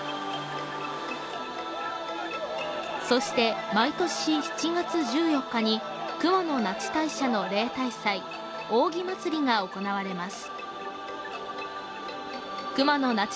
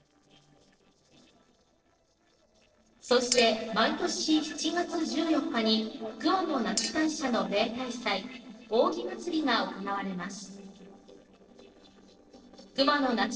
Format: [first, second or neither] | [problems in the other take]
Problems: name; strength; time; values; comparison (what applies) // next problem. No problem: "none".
first | noise reduction (neural separator model SepFormer DNS4)